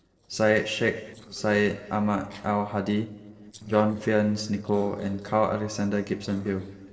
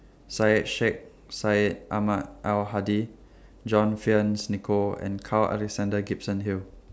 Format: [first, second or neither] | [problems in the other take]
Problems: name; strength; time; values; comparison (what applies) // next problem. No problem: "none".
second | noise reduction (neural separator model SepFormer DNS4)